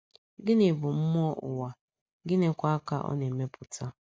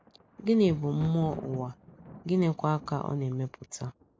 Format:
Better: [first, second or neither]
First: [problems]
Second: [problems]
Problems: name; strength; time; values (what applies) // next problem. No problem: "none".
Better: first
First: none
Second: background sound (Thunder); 17 dB below the speech